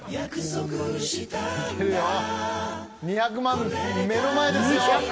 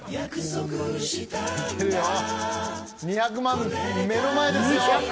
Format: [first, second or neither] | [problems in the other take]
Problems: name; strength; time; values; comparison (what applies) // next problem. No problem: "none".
first | background sound (Rattle / Rattle (instrument)); 20 dB below the speech